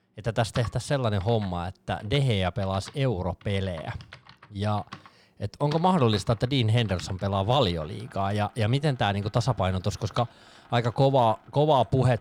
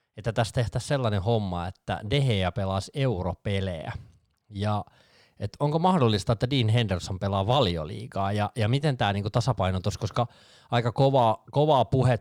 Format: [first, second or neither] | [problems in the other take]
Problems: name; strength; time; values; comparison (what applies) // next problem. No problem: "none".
second | household noises; faint; throughout; 20 dB below the speech